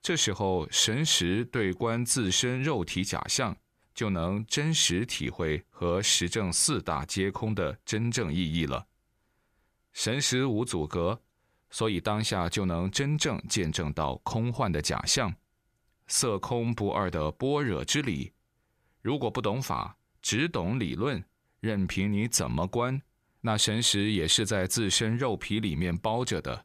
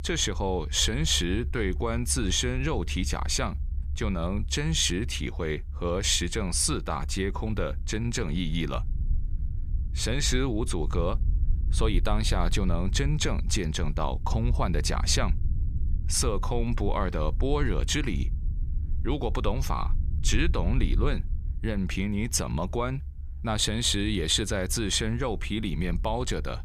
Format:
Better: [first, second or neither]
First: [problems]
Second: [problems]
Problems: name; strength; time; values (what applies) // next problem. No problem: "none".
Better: first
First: none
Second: low rumble; faint; throughout; 20 dB below the speech